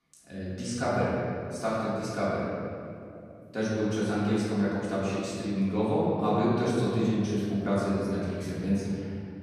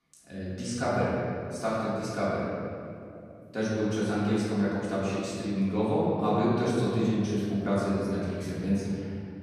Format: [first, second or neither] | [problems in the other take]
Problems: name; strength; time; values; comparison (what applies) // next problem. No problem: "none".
neither | off-mic speech; far; the same in both // room echo; strong; dies away in 2.5 s; the same in both